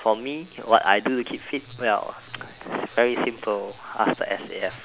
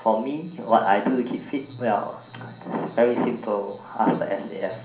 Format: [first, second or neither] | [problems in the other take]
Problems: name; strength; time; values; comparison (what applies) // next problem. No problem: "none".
first | room echo; dies away in 0.6 s